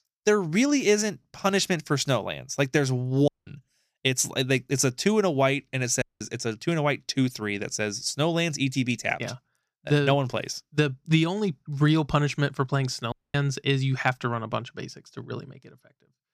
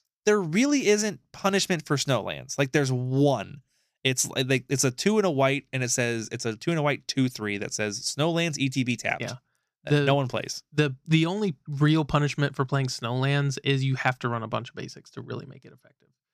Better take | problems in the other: second | audio cutting out; at 3.5 s, at 6 s and at 13 s

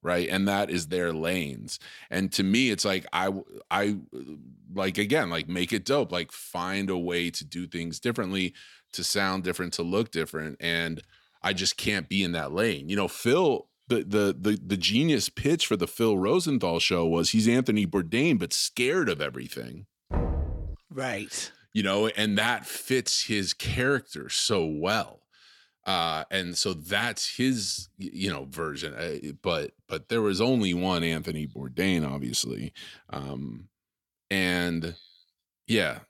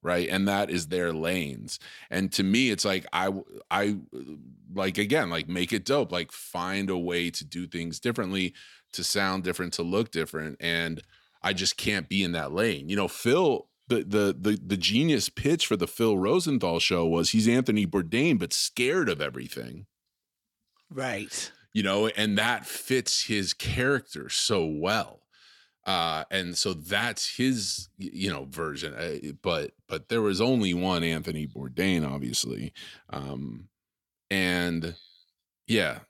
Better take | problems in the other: second | door banging; noticeable; at 20 s; peak 3 dB below the speech

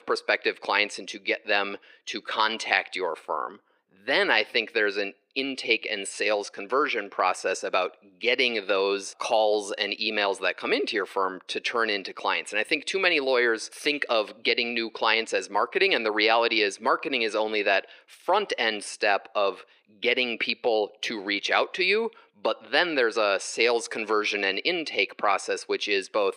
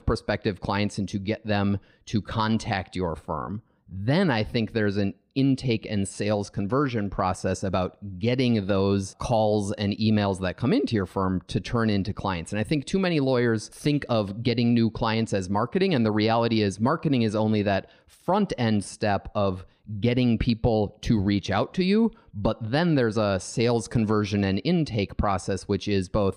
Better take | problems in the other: second | thin; very; fading below 400 Hz

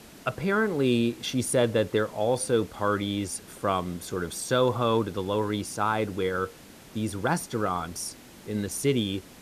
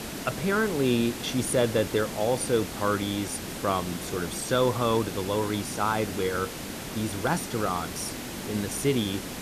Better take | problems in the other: first | hiss; loud; throughout; 7 dB below the speech; faint in the first

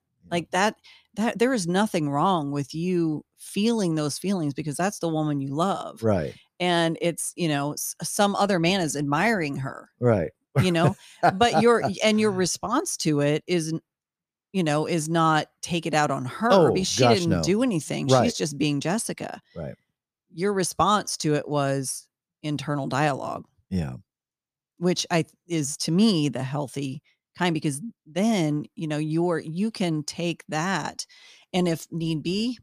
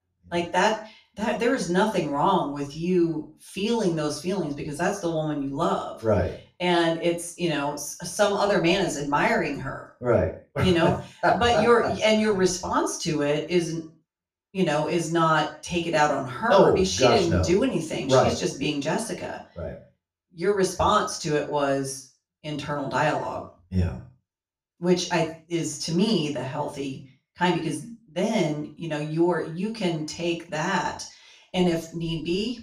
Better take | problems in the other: first | room echo; slight; dies away in 0.4 s // off-mic speech; far

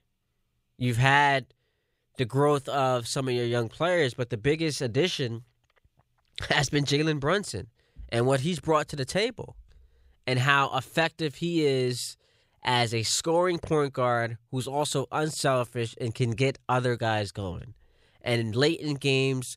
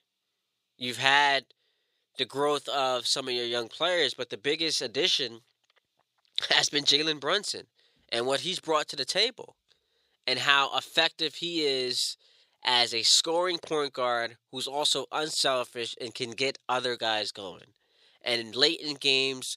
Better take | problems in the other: first | thin; somewhat; fading below 350 Hz

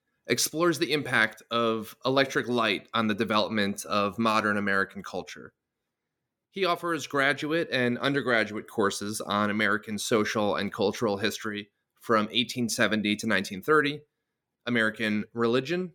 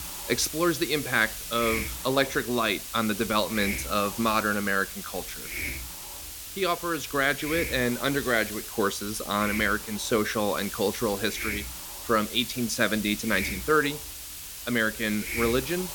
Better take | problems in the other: first | hiss; loud; throughout; 7 dB below the speech

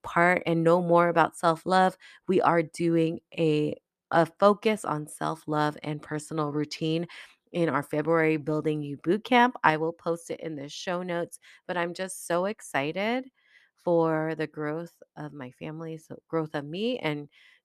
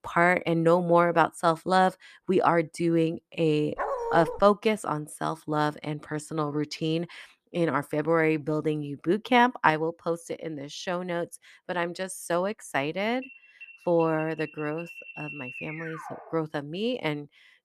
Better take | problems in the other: first | dog barking; noticeable; at 4 s; peak 4 dB below the speech // alarm; faint; from 13 to 16 s; peak 10 dB below the speech

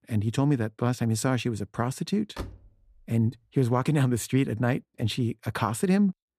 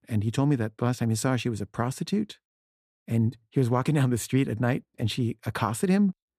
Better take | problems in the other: second | door banging; faint; at 2.5 s; peak 15 dB below the speech

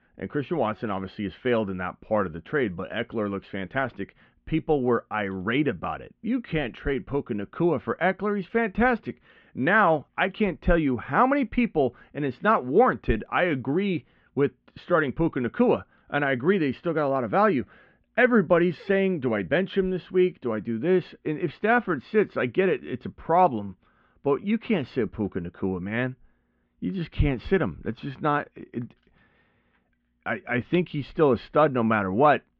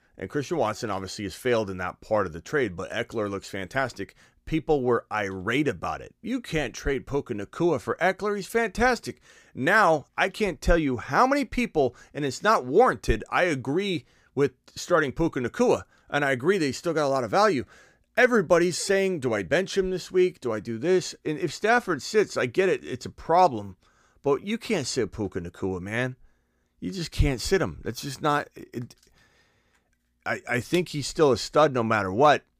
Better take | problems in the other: second | muffled; very; fading above 3 kHz

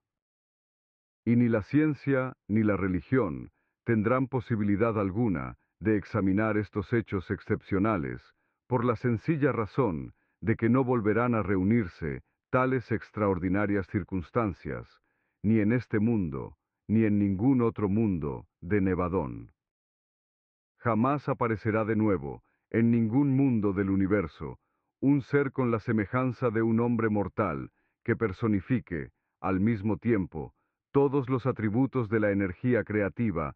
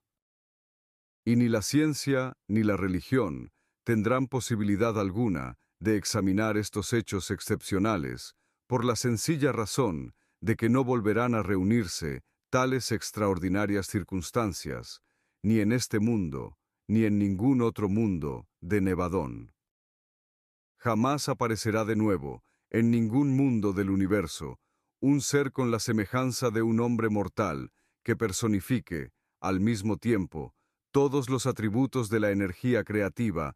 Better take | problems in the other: second | muffled; very; fading above 2.5 kHz

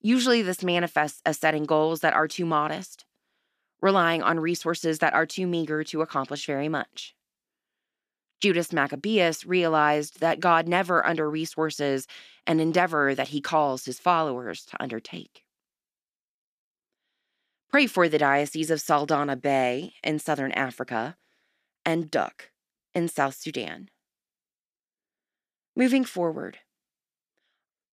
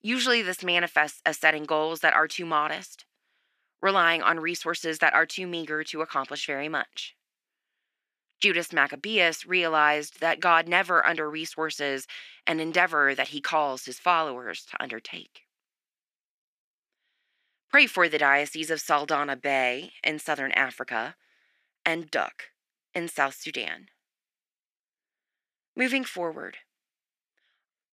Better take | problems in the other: first | thin; somewhat; fading below 850 Hz

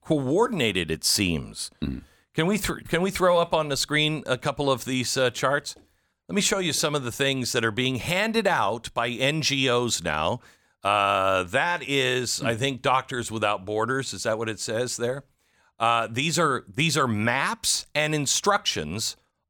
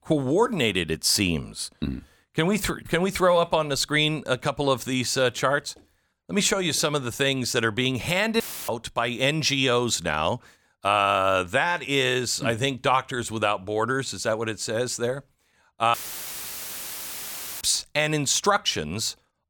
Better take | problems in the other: first | audio cutting out; filled with static; at 8.5 s and at 16 s for 1.5 s

